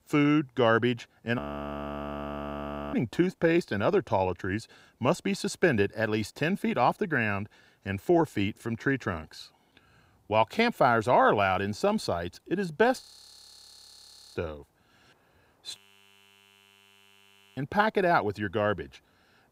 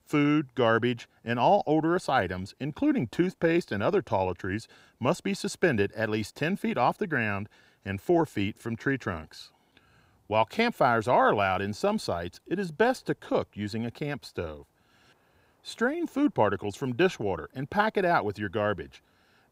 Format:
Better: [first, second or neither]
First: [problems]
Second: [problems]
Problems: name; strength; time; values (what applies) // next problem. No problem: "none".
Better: second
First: audio freezing; at 1.5 s for 1.5 s, at 13 s for 1.5 s and at 16 s for 2 s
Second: none